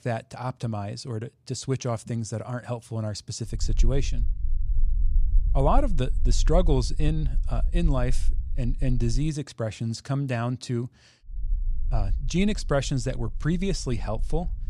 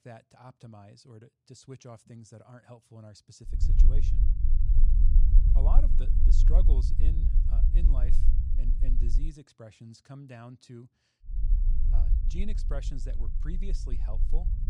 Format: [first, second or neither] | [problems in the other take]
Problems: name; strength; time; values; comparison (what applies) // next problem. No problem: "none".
first | low rumble; loud; from 3.5 to 9 s and from 11 s on; 2 dB below the speech; faint in the first